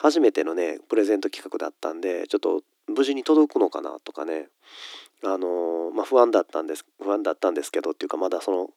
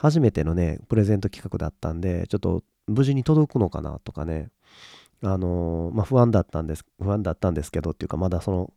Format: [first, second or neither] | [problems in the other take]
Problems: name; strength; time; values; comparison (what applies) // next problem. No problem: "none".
second | thin; very; fading below 300 Hz